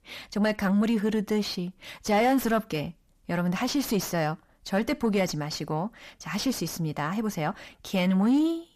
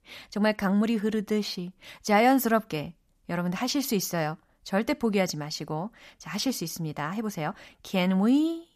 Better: second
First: distortion; slight; 10 dB below the speech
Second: none

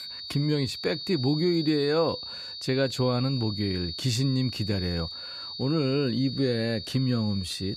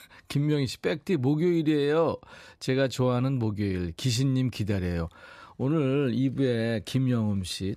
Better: second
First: high-pitched whine; loud; throughout; 4.5 kHz, 8 dB below the speech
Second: none

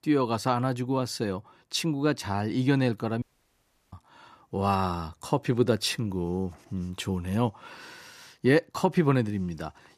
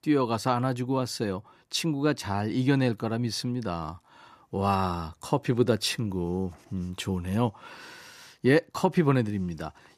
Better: second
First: audio cutting out; at 3 s for 0.5 s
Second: none

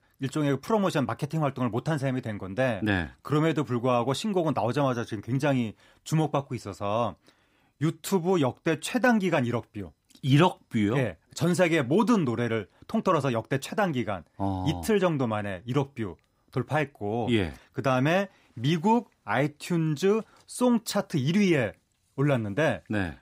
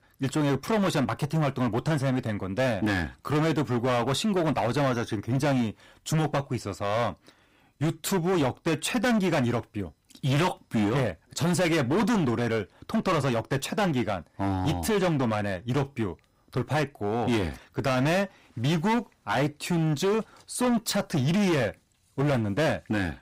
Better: first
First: none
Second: distortion; heavy; 18% of the sound clipped

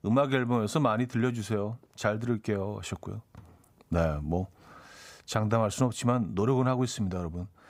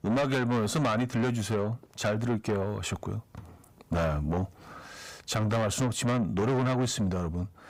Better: first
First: none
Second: distortion; heavy; 6 dB below the speech

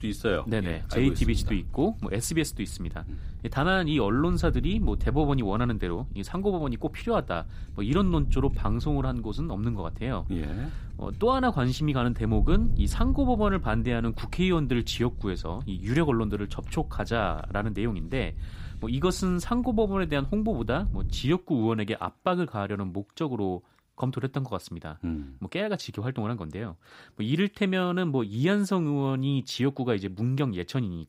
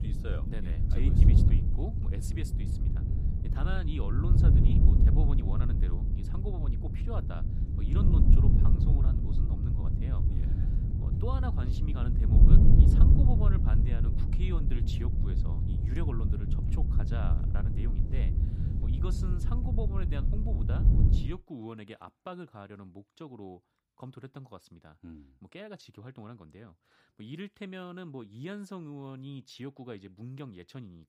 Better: first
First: wind noise on the microphone; occasional gusts; until 21 s; 20 dB below the speech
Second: wind noise on the microphone; heavy; until 21 s; 3 dB above the speech

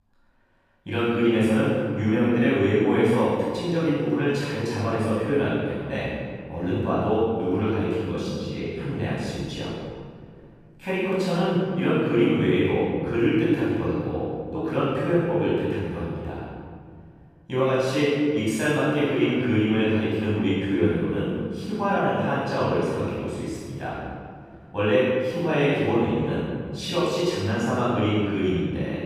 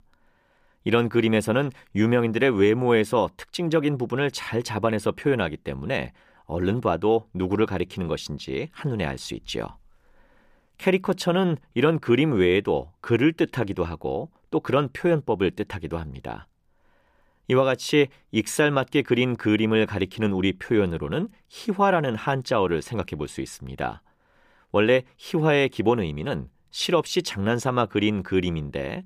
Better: second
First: off-mic speech; far // room echo; strong; dies away in 2 s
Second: none

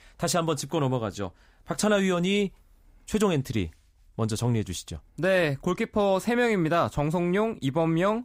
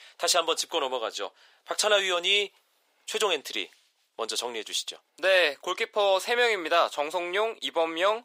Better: first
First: none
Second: thin; very; fading below 450 Hz

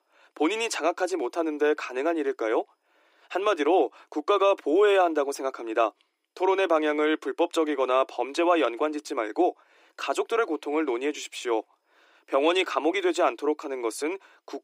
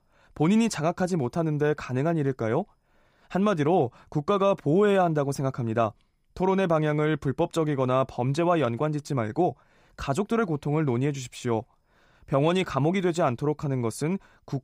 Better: second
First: thin; very; fading below 300 Hz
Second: none

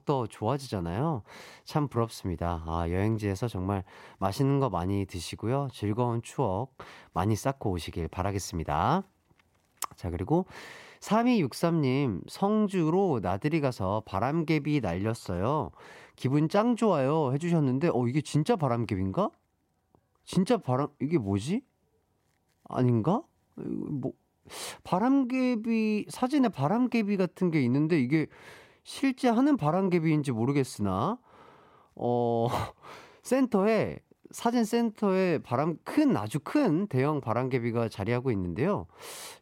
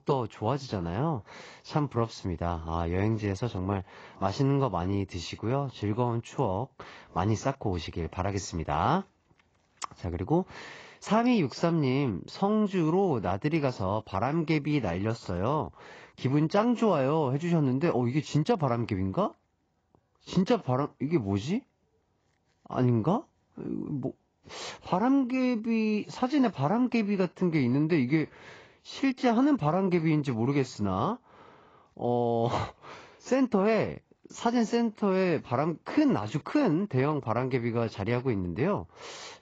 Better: first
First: none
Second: garbled, watery; badly; nothing above 7.5 kHz

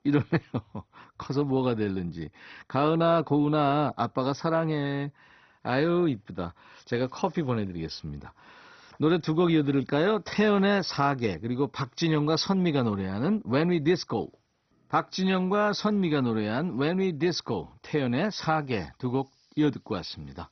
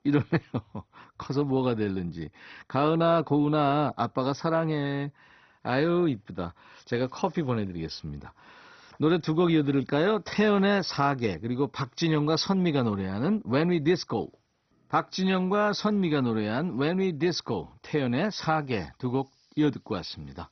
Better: neither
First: garbled, watery; badly; nothing above 6 kHz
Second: garbled, watery; badly; nothing above 6 kHz

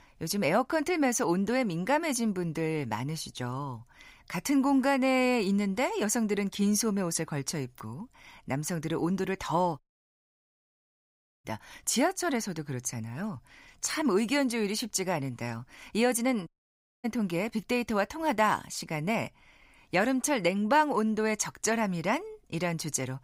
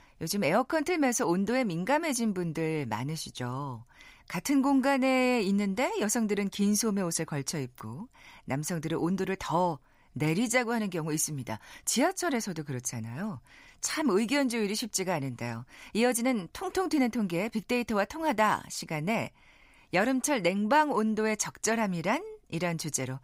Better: second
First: audio cutting out; at 10 s for 1.5 s and at 16 s for 0.5 s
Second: none

